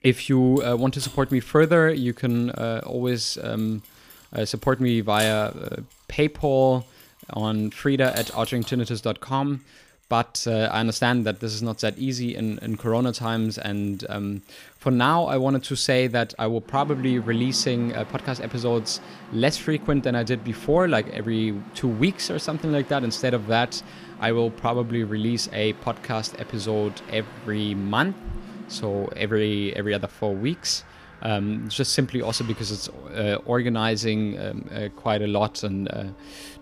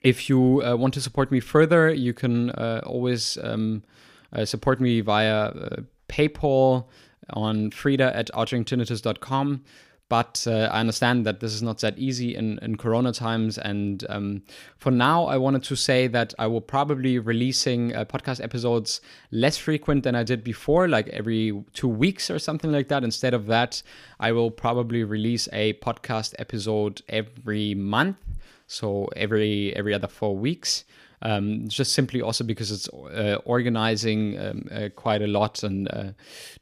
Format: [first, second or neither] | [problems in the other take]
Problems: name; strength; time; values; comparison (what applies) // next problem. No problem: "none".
second | machinery noise; noticeable; throughout; 15 dB below the speech